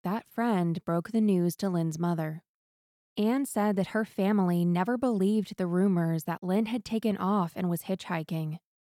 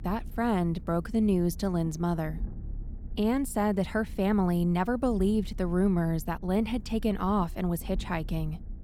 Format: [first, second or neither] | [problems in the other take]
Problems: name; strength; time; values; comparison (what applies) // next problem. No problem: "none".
first | low rumble; faint; throughout; 25 dB below the speech